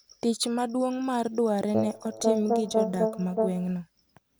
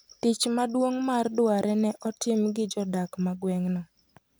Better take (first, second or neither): second